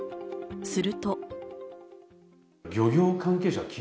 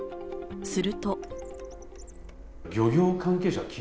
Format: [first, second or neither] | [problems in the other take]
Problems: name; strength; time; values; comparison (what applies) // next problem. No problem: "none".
first | background sound (Printer); 16 dB below the speech